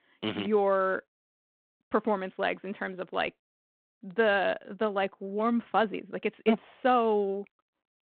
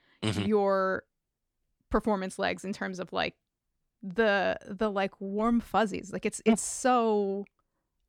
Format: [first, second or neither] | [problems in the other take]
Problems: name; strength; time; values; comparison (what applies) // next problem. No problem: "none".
second | phone-call audio